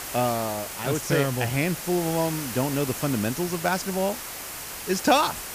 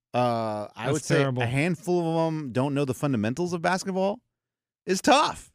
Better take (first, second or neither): second